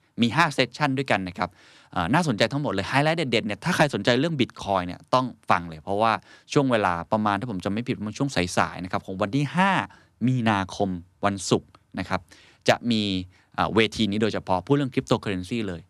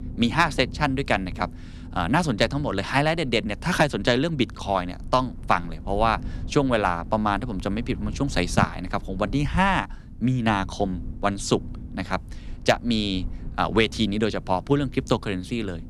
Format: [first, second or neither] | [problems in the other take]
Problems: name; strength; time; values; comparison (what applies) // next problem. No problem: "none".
first | low rumble; faint; throughout; 25 dB below the speech